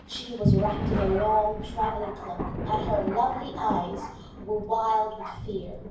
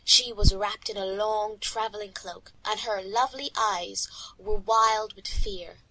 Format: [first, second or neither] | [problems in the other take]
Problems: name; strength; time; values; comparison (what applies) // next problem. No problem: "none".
second | background sound (Thunder); 6 dB below the speech // room echo; dies away in 0.9 s